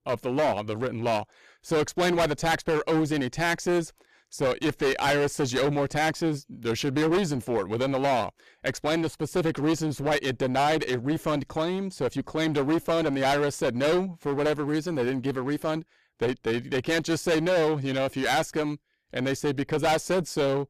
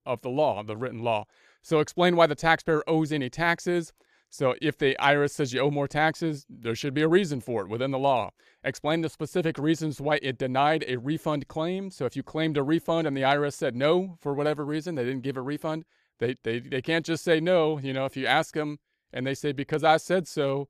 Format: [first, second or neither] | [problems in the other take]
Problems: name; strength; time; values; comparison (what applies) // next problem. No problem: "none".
second | distortion; heavy; 17% of the sound clipped